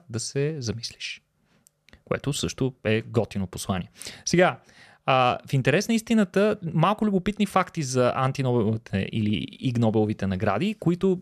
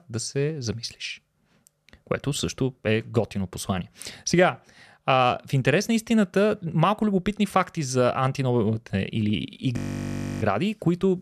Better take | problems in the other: first | audio freezing; at 10 s for 0.5 s

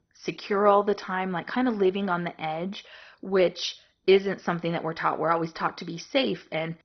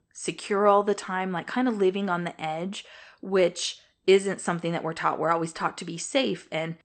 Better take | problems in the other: second | garbled, watery; badly; nothing above 6 kHz; slightly in the second

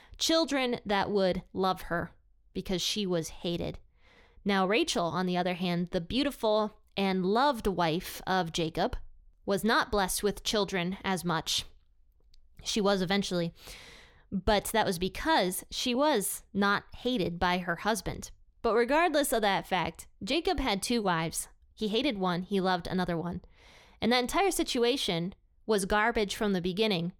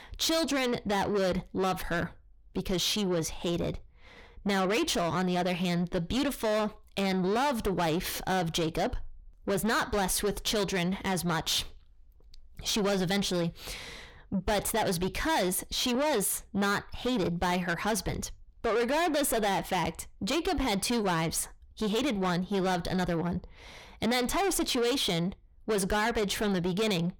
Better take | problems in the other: first | distortion; heavy; 7 dB below the speech

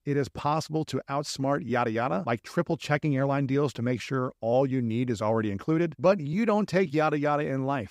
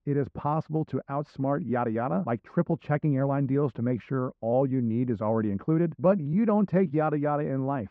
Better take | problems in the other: first | muffled; very; fading above 1.5 kHz

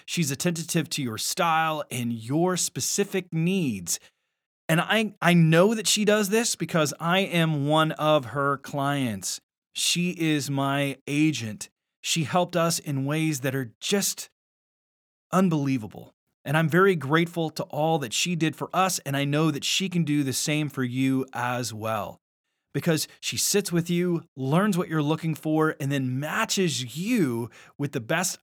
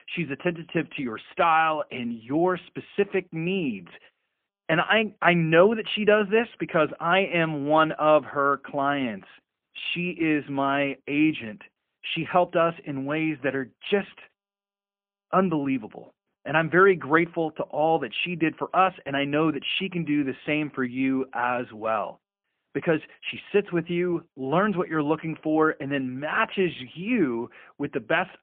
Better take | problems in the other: first | phone-call audio; poor line

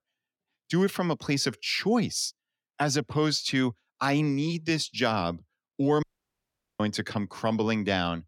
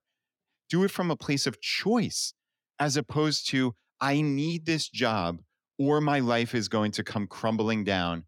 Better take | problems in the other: second | audio cutting out; at 6 s for 1 s

